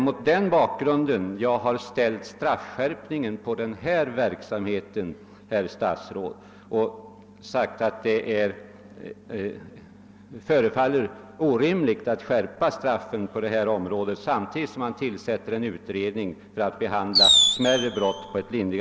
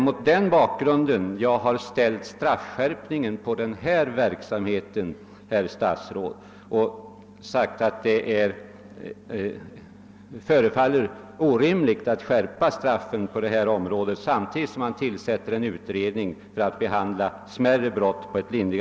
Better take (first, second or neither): second